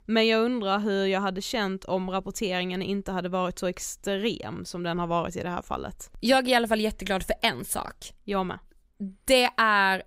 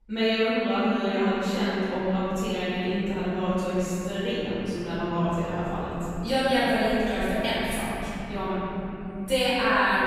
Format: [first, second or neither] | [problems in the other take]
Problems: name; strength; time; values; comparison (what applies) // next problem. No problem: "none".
first | off-mic speech; far // room echo; strong; dies away in 3 s